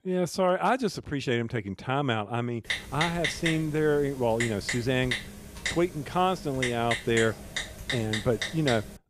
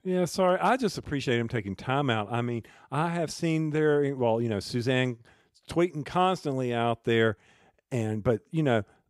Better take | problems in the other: second | keyboard typing; noticeable; from 2.5 s on; peak 1 dB below the speech

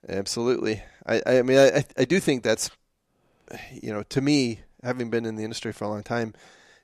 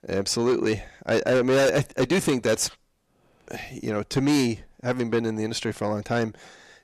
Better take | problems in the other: first | distortion; heavy; 8 dB below the speech

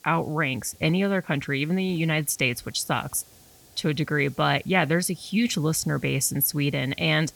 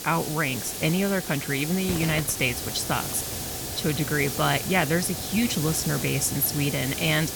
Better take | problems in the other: first | hiss; loud; throughout; 5 dB below the speech; faint in the first

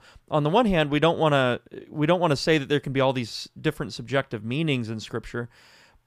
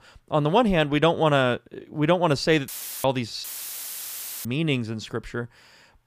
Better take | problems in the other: first | audio cutting out; filled with static; at 2.5 s and at 3.5 s for 1 s

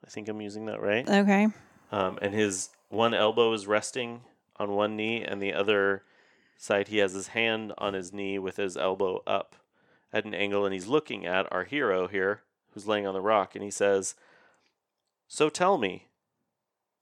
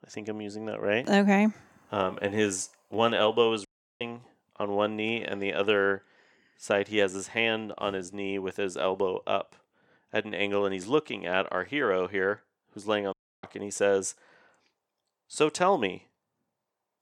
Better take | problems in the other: first | audio cutting out; at 3.5 s and at 13 s

